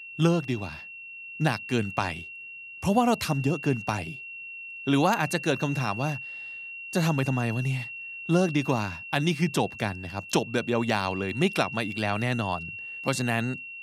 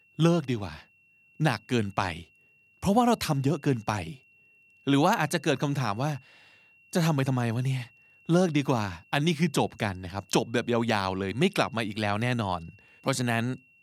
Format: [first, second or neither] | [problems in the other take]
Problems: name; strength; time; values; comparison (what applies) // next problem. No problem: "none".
second | high-pitched whine; loud; throughout; 2.5 kHz, 10 dB below the speech; faint in the second